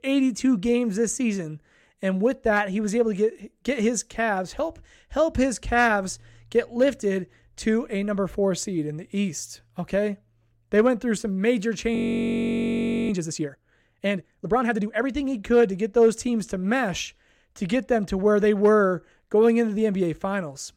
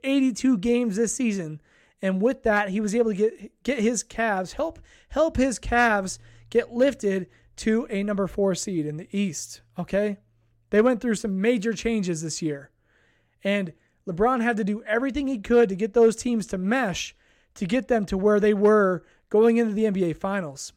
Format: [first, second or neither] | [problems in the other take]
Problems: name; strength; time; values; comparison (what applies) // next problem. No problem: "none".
second | audio freezing; at 12 s for 1 s